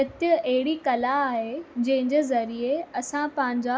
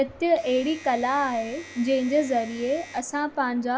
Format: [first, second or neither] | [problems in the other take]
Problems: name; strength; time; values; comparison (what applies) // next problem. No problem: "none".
first | background sound (Domestic sounds, home sounds); 20 dB below the speech